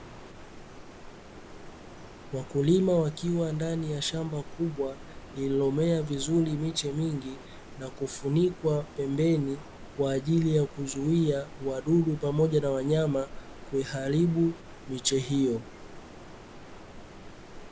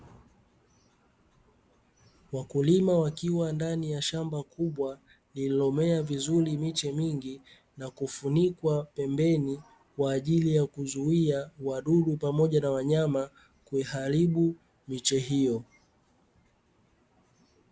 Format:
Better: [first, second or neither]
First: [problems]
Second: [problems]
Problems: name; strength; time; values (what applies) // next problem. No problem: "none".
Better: second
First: background sound (Stream); 15 dB below the speech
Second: none